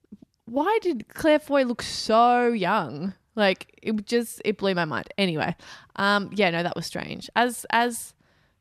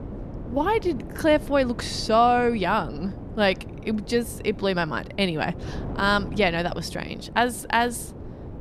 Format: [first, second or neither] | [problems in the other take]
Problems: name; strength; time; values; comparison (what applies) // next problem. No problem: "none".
first | wind noise on the microphone; occasional gusts; 20 dB below the speech